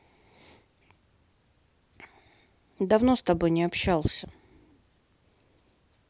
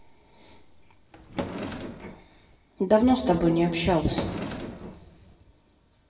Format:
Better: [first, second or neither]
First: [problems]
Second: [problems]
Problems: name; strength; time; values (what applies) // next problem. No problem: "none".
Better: first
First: none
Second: background sound (Drawer open or close); 9 dB below the speech // room echo; dies away in 2.6 s